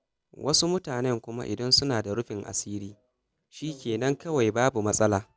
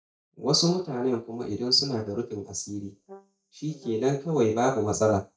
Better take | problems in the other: first | noise reduction (neural mask model DeepFilterNet 3)

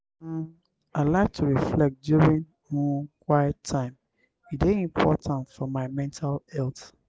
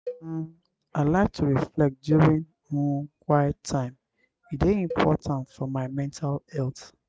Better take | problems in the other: first | noise reduction (neural mask model RNNoise)

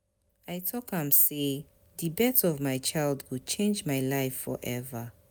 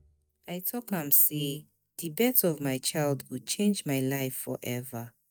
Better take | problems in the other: first | noise reduction (neural mask model DeepFilterNet 3)

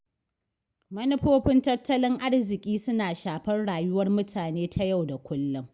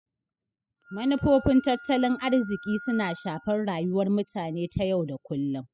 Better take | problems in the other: first | noise reduction (classical method spectral subtraction)

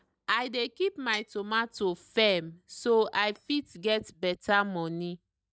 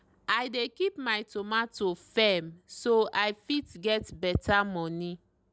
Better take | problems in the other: second | noise reduction (neural mask model DeepFilterNet 3)

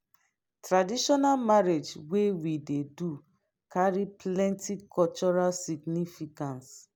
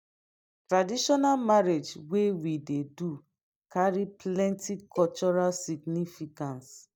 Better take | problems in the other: first | noise reduction (neural mask model DeepFilterNet 3)

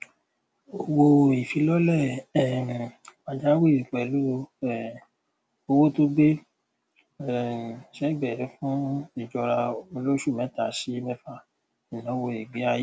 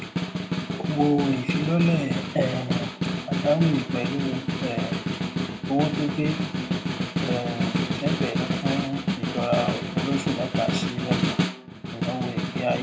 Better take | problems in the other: first | background sound (Snare drum); 1 dB above the speech // room echo; dies away in 0.8 s

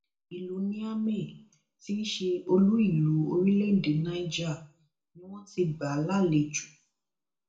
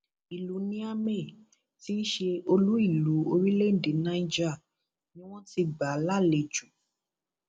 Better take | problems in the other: second | room echo; dies away in 0.3 s

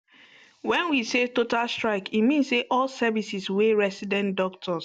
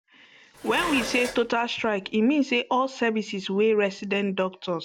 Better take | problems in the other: first | background sound (Dishes, pots, and pans); 11 dB below the speech

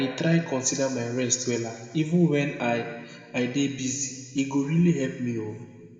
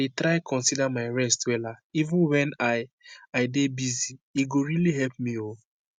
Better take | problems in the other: second | room echo; dies away in 1.7 s

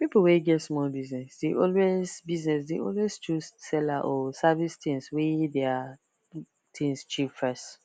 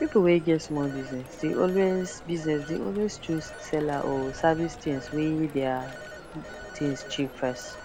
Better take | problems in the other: first | background sound (Telephone); 14 dB below the speech

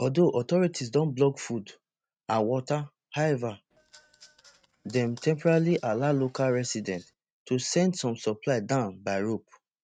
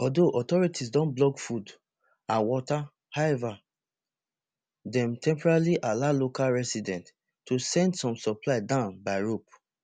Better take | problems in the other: second | noise reduction (neural mask model RNNoise)

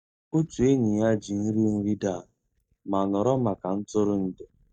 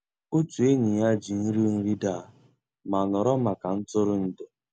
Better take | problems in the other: second | noise reduction (neural mask model DeepFilterNet 3)

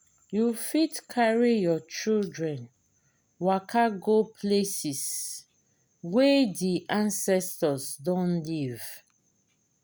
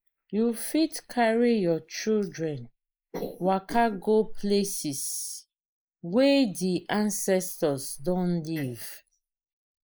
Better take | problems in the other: first | noise reduction (neural mask model Resemble Enhance denoiser)

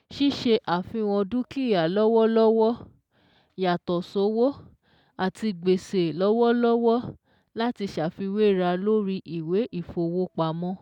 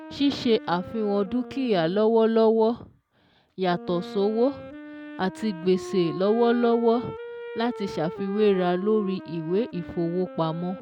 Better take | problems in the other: first | background sound (Wind instrument, woodwind instrument); 14 dB below the speech

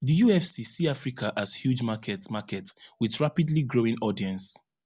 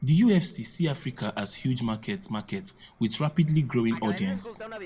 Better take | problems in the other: first | background sound (Fixed-wing aircraft, airplane); 19 dB below the speech // room echo; dies away in 0.6 s

